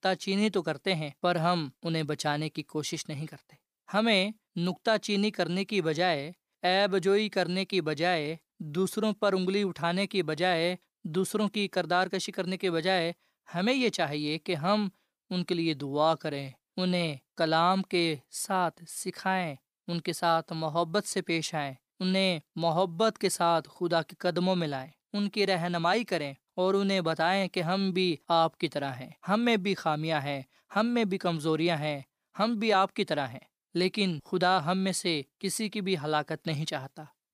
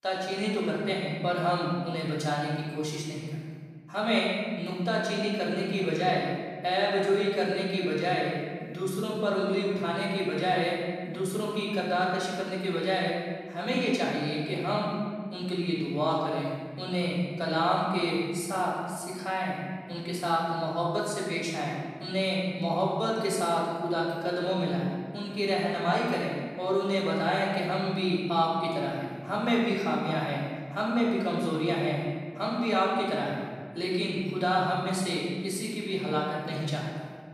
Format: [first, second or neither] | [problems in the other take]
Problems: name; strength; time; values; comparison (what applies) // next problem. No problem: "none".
first | room echo; noticeable; dies away in 1.6 s // off-mic speech; far